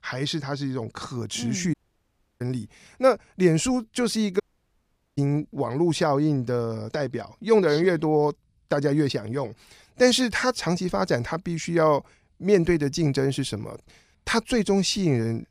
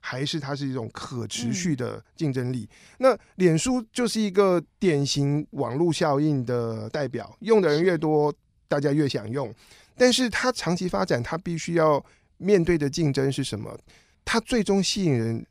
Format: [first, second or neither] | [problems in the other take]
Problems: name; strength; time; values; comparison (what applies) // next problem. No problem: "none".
second | audio cutting out; at 1.5 s for 0.5 s and at 4.5 s for 1 s